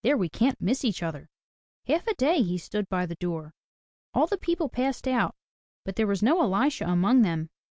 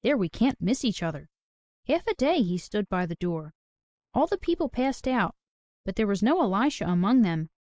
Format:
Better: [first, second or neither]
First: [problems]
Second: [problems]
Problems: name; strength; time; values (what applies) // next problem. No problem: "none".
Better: first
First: none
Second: noise reduction (neural mask model Resemble Enhance denoiser)